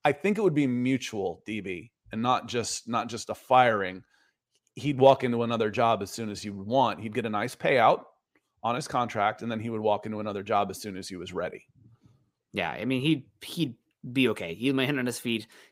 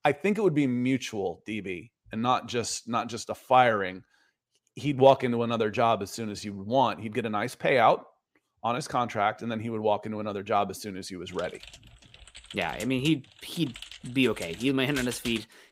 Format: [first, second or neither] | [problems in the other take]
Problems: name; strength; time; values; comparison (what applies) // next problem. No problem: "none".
first | keyboard typing; noticeable; from 11 s on; peak 9 dB below the speech